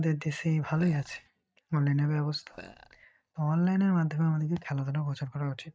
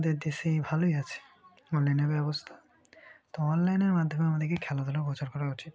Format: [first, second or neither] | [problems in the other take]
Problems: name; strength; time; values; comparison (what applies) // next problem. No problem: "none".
second | noise reduction (neural mask model DeepFilterNet 3)